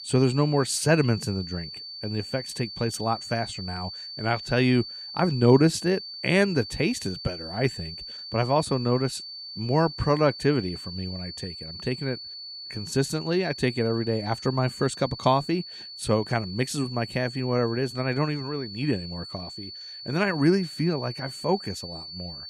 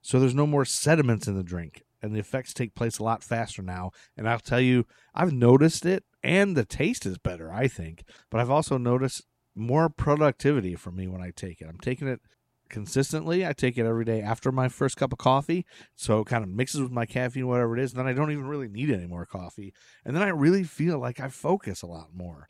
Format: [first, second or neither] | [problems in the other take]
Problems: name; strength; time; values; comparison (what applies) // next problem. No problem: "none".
second | high-pitched whine; noticeable; throughout; 4.5 kHz, 10 dB below the speech